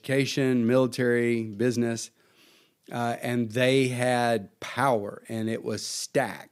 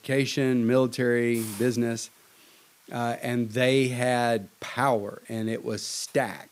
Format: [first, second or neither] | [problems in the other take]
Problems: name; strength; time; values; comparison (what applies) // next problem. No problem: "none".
first | hiss; faint; throughout; 20 dB below the speech